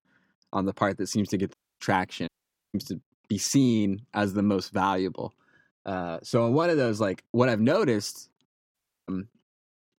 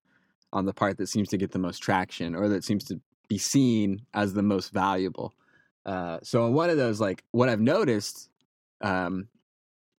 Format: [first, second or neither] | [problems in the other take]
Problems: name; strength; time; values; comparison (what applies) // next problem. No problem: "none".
second | audio cutting out; at 1.5 s, at 2.5 s and at 8.5 s